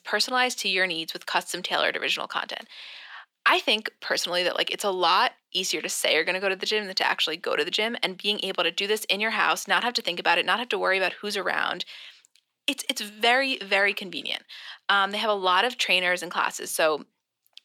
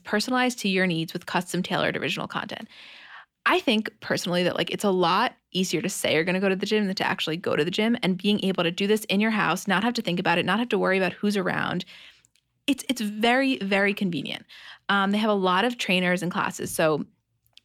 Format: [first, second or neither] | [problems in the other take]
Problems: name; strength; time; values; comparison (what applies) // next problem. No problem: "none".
second | thin; somewhat; fading below 500 Hz